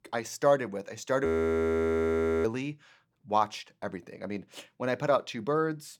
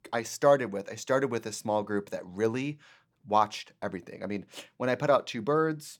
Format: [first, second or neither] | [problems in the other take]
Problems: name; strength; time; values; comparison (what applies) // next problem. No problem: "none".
second | audio freezing; at 1.5 s for 1 s